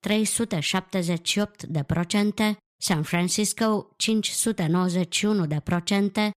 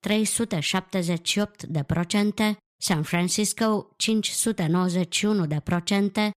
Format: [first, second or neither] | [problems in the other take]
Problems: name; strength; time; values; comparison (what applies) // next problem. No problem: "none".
neither | none